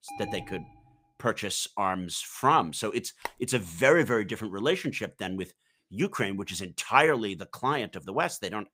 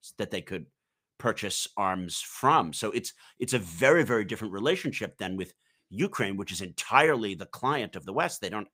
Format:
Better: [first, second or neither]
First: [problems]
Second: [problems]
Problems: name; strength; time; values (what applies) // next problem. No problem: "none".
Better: second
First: alarm; faint; at the start; peak 10 dB below the speech // phone ringing; very faint; at 3.5 s; peak 10 dB below the speech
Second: none